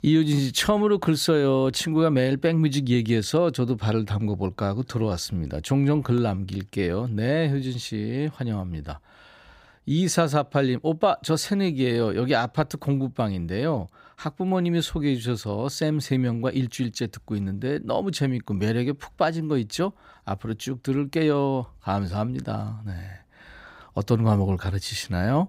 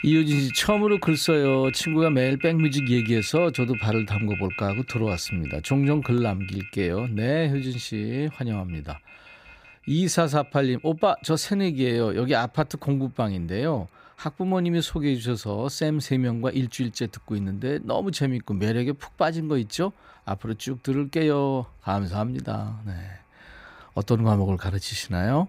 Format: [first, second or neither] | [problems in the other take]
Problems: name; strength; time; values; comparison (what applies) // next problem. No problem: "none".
first | alarms or sirens; loud; throughout; 10 dB below the speech